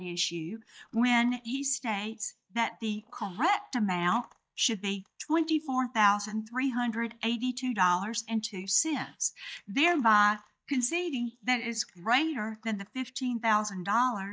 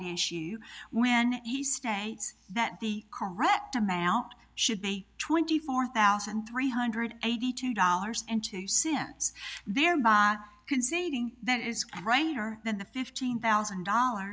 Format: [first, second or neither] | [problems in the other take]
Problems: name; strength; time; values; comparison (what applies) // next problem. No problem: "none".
second | noise reduction (neural mask model DeepFilterNet 3)